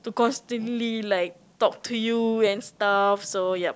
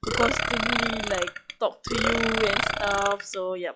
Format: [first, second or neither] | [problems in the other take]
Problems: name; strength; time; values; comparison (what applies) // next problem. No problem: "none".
first | noise reduction (classical method log-MMSE)